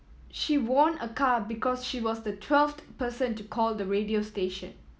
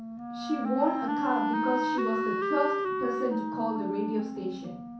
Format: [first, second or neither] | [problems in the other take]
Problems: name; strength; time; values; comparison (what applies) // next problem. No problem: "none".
first | background sound (Wind instrument, woodwind instrument); as loud as the speech // room echo; dies away in 0.6 s